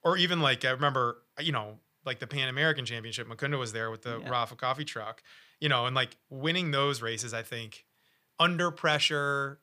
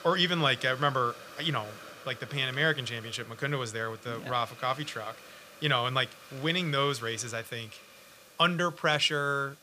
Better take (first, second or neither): first